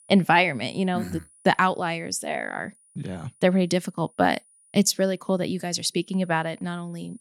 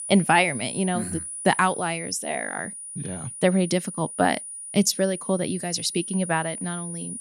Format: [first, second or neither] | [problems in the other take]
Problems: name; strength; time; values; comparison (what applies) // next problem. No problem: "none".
first | high-pitched whine; loud; throughout; 9.5 kHz, 9 dB below the speech; faint in the first